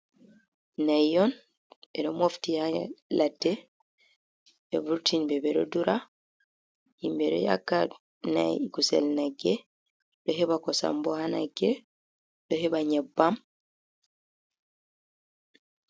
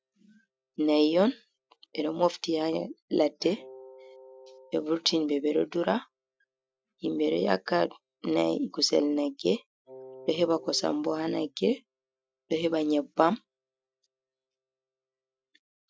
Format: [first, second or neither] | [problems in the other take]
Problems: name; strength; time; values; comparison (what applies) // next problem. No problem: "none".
first | noise reduction (classical method Wiener filter)